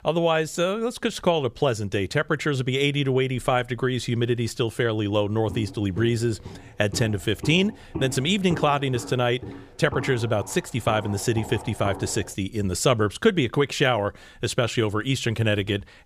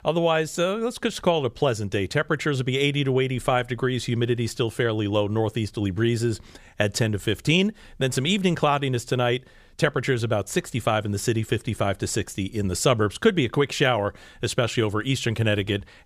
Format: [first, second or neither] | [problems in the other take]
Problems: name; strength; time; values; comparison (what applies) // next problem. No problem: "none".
second | footsteps; faint; from 5.5 to 12 s; peak 10 dB below the speech